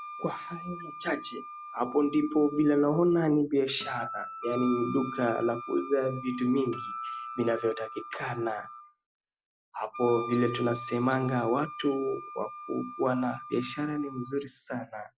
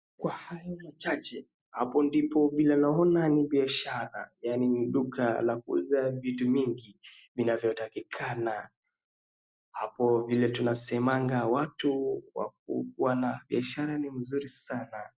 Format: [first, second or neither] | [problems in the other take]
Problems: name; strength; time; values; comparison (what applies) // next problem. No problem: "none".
second | background sound (Acoustic guitar + Wind instrument, woodwind instrument); 12 dB below the speech